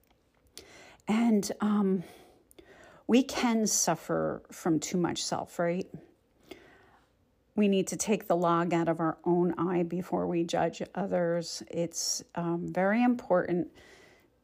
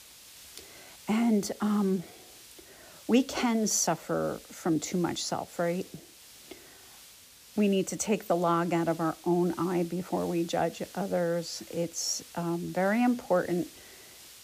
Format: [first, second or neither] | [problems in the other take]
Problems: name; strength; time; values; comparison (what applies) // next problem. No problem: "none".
first | hiss; noticeable; throughout; 20 dB below the speech